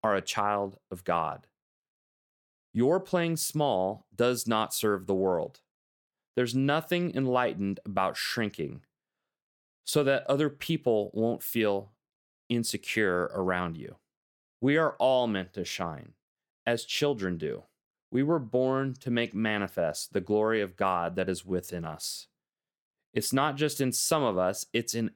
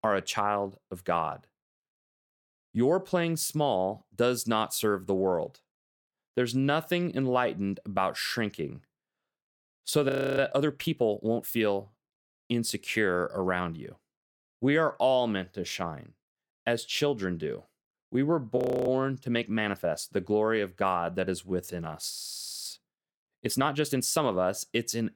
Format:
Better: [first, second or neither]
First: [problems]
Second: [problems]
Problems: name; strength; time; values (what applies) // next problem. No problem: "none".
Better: first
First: none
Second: audio freezing; at 10 s, at 19 s and at 22 s for 0.5 s